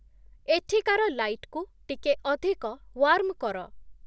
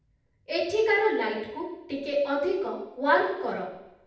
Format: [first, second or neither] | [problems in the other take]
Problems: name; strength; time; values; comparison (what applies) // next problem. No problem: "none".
first | room echo; dies away in 0.8 s